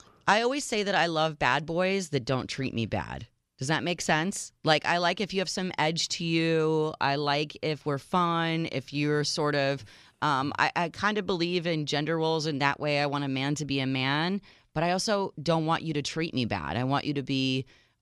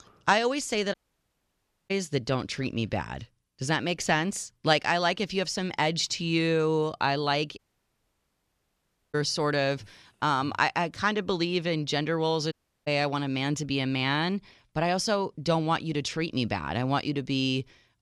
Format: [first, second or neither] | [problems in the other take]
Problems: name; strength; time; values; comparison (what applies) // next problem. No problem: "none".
first | audio cutting out; at 1 s for 1 s, at 7.5 s for 1.5 s and at 13 s